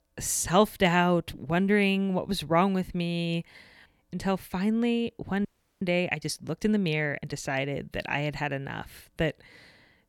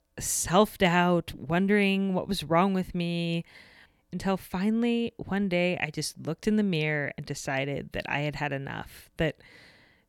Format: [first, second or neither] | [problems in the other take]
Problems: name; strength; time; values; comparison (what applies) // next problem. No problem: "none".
second | audio freezing; at 5.5 s